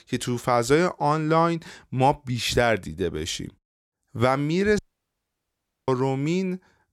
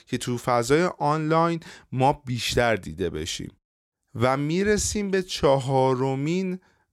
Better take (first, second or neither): second